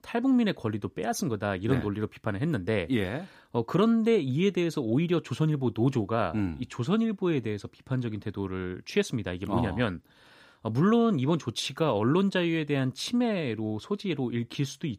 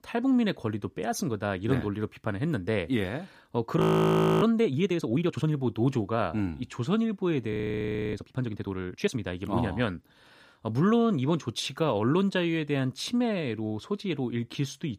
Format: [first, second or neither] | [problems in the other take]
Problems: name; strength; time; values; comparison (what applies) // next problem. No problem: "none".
first | audio freezing; at 4 s for 0.5 s and at 7.5 s for 0.5 s